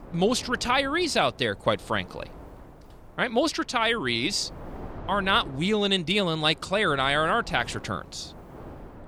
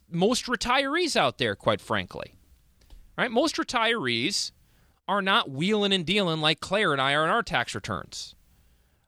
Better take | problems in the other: second | wind noise on the microphone; occasional gusts; 20 dB below the speech

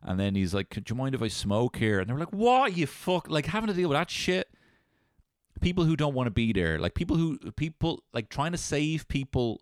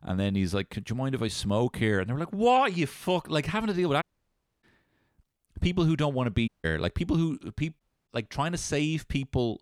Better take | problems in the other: first | audio cutting out; at 4 s for 0.5 s, at 6.5 s and at 8 s

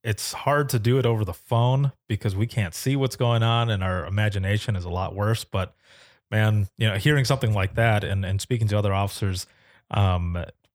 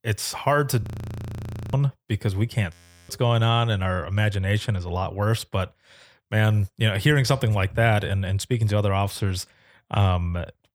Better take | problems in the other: first | audio freezing; at 1 s for 1 s and at 2.5 s

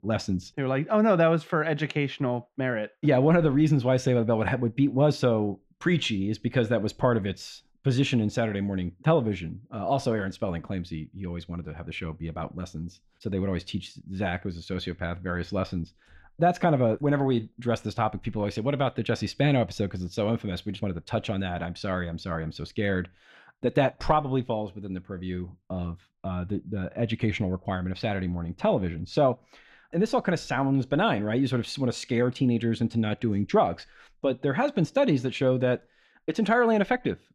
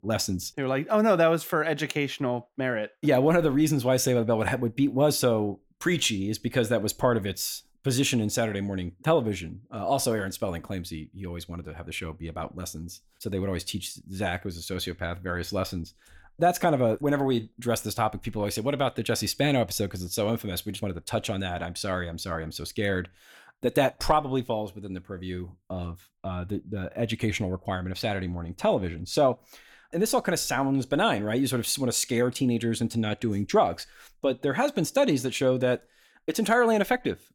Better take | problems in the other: second | muffled; slightly; fading above 3.5 kHz

